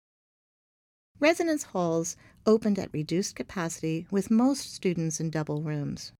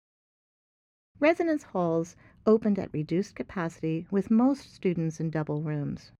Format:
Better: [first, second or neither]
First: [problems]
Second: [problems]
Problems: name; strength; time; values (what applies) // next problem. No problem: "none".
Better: first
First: none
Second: muffled; slightly; fading above 4 kHz